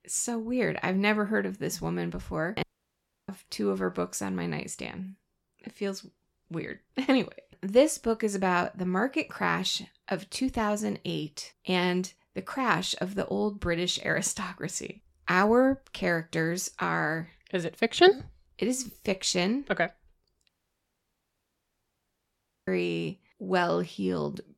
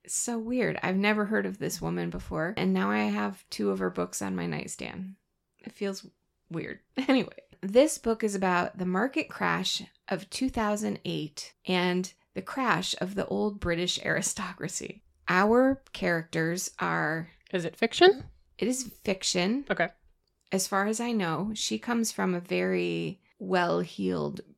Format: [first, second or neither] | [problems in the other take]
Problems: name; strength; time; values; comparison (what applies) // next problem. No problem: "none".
second | audio cutting out; at 2.5 s for 0.5 s and at 20 s for 2 s